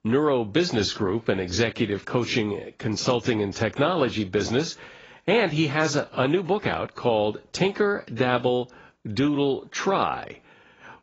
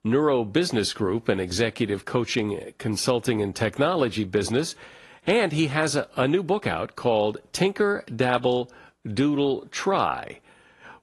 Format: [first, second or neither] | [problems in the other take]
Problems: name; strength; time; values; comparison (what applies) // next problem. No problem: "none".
second | garbled, watery; badly; nothing above 7 kHz; slightly in the second